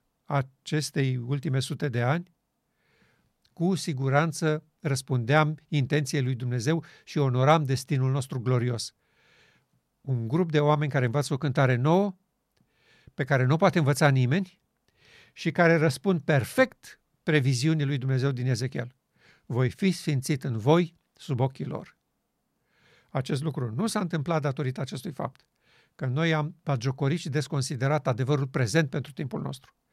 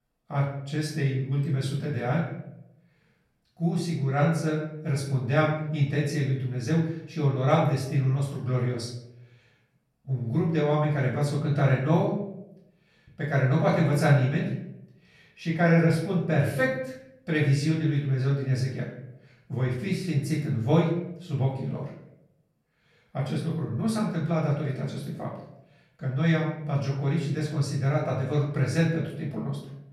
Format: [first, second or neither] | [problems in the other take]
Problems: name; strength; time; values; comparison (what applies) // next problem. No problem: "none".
first | off-mic speech; far // room echo; noticeable; dies away in 0.7 s